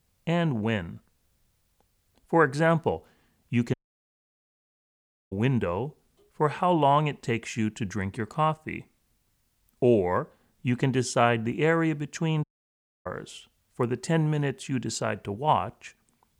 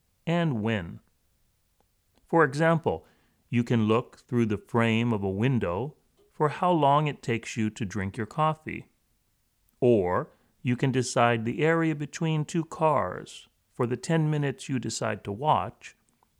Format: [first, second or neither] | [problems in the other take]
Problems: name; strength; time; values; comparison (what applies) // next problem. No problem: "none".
second | audio cutting out; at 3.5 s for 1.5 s and at 12 s for 0.5 s